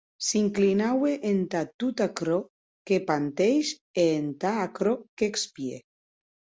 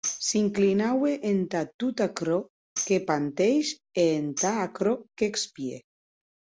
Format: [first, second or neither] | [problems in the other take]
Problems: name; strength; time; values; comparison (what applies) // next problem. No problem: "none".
first | background sound (Tambourine); 12 dB below the speech